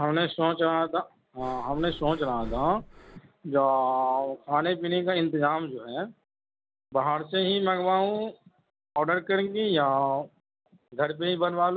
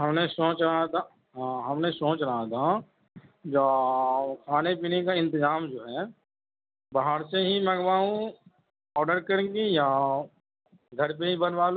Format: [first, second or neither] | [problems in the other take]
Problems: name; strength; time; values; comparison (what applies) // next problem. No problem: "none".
second | background sound (Breathing); 13 dB below the speech